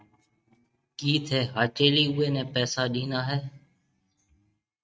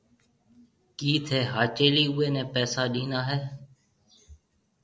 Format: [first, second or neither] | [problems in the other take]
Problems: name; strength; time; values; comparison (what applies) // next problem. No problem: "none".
second | noise reduction (neural mask model RNNoise)